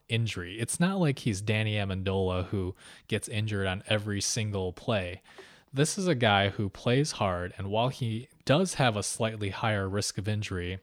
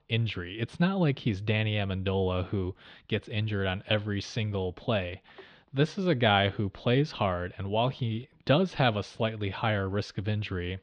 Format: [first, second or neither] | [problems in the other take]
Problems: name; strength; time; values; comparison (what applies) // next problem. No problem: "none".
first | muffled; slightly; fading above 3.5 kHz